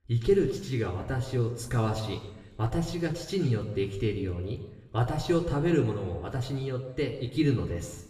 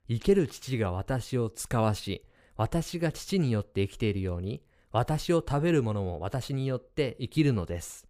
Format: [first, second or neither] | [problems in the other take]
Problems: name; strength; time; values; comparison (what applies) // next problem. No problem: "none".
second | room echo; slight; dies away in 1.1 s // off-mic speech; somewhat distant